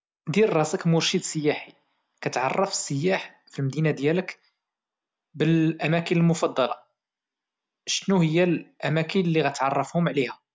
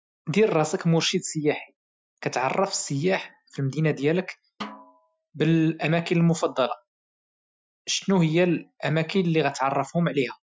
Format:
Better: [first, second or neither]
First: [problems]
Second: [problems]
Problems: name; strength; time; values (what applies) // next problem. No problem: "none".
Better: first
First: none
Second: noise reduction (classical method Wiener filter)